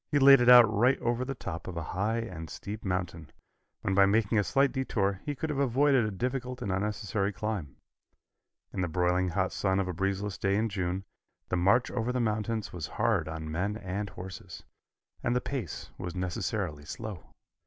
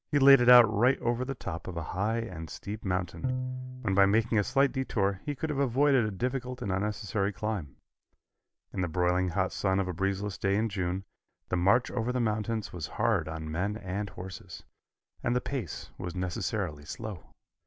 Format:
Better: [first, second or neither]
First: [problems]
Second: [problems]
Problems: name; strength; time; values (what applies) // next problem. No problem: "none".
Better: first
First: none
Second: background sound (Bowed string instrument); 11 dB below the speech